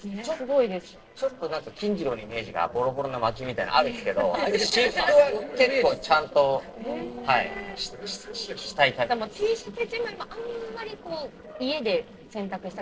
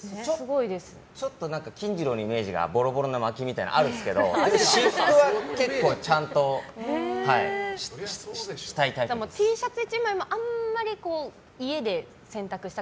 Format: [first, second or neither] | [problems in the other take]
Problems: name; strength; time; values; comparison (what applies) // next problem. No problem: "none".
second | noise reduction (neural separator model SepFormer DNS4)